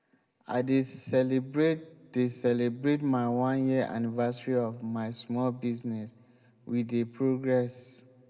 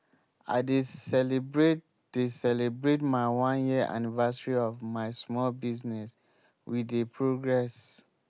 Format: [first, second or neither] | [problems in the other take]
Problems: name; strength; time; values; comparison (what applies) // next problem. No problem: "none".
second | room echo; dies away in 0.8 s